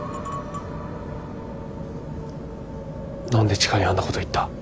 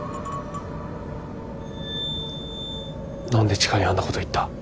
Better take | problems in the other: first | background sound (Glass); 11 dB below the speech

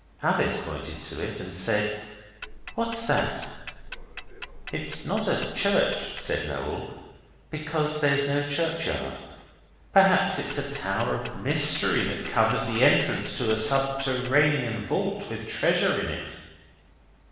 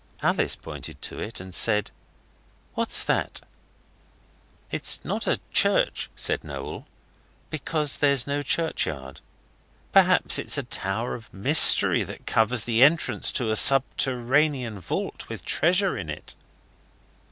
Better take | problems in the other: second | background sound (Tick-tock); 12 dB below the speech // room echo; dies away in 1.2 s

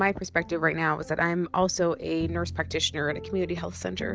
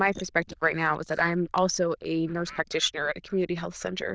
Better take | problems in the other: first | noise reduction (neural diffusion model UNIVERSE++)

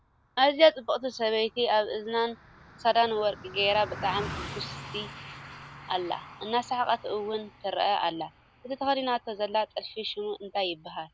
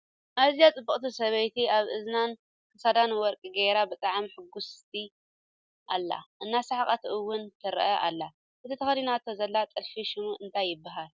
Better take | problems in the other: second | background sound (Car passing by); 16 dB below the speech

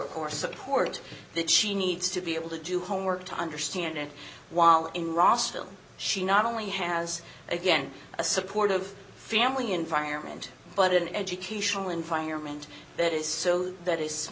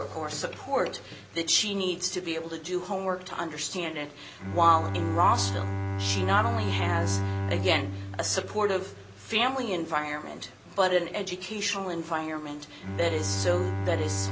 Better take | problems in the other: first | background sound (Bowed string instrument); 5 dB below the speech

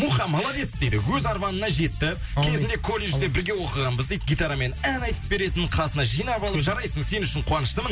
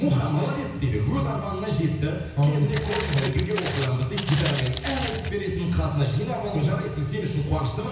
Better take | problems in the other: first | background sound (Walk, footsteps); 9 dB below the speech // room echo; dies away in 1 s

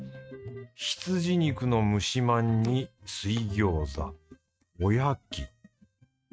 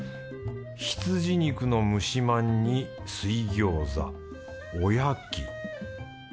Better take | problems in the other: second | noise reduction (neural mask model RNNoise)

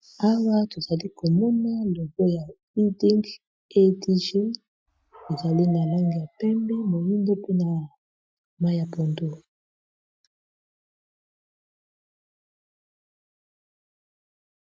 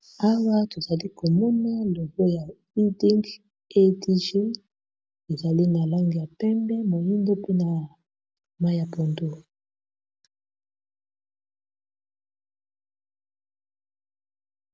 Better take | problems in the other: second | noise reduction (classical method Wiener filter)

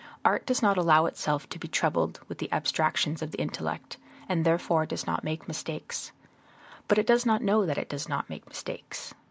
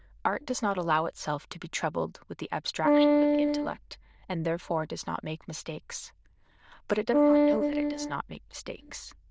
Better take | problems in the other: first | noise reduction (neural diffusion model UNIVERSE++)

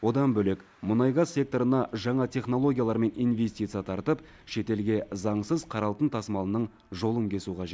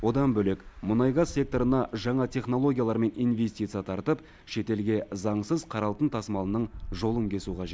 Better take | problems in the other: first | background sound (Wind); 17 dB below the speech

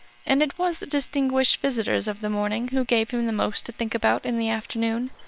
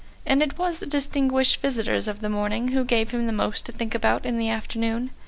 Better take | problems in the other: second | noise reduction (neural separator model SepFormer WHAM!)

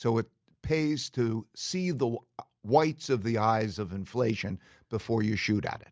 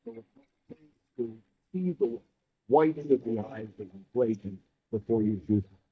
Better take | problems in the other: first | noise reduction (neural mask model DeepFilterNet 3)

